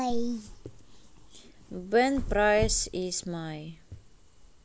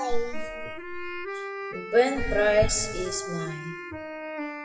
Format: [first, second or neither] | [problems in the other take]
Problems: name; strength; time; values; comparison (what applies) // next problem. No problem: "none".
first | noise reduction (classical method WPE with log-MMSE)